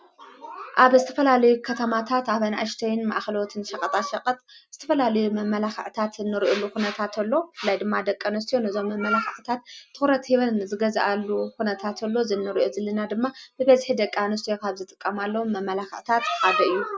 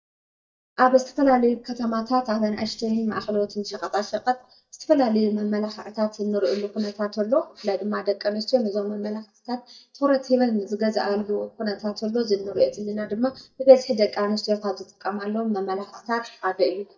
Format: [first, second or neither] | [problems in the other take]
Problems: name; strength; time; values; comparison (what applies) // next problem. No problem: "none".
first | noise reduction (neural mask model DeepFilterNet 3)